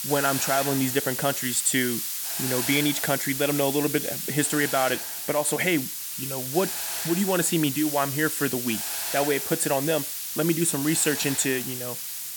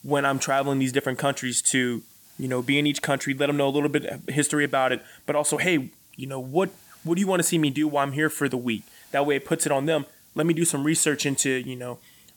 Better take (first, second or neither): second